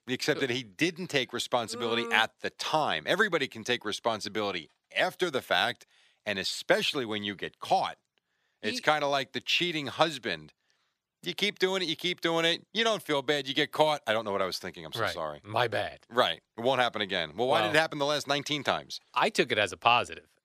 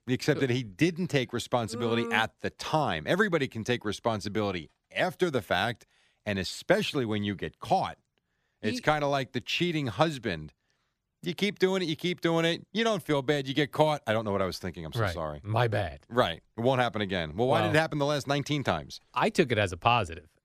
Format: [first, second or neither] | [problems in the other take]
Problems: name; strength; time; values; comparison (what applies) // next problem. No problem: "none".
second | thin; very slightly; fading below 1 kHz